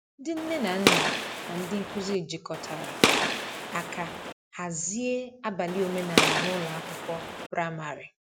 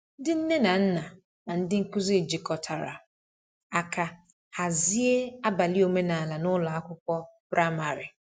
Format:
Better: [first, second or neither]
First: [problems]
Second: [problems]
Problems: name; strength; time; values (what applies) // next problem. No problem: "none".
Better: second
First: background sound (Gunshot, gunfire); 4 dB above the speech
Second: none